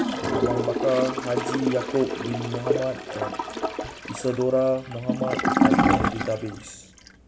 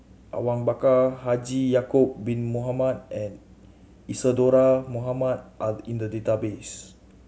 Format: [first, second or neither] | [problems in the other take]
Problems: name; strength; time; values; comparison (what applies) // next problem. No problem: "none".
second | background sound (Toilet flush / Gurgling); 2 dB above the speech